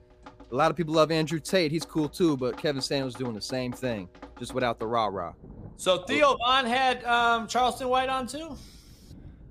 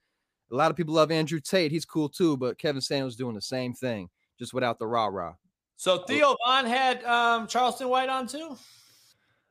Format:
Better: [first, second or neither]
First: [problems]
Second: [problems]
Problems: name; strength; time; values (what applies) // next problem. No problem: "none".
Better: second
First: rain or running water; faint; throughout; 20 dB below the speech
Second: none